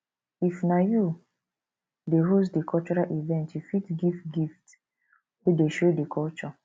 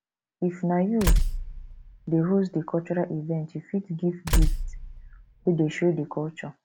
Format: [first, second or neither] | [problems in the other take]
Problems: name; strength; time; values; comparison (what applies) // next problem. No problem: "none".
first | background sound (Tools); as loud as the speech